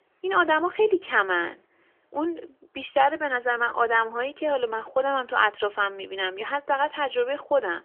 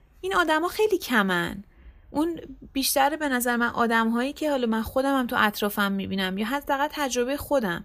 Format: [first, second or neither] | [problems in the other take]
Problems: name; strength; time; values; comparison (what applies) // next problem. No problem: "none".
second | phone-call audio; nothing above 3 kHz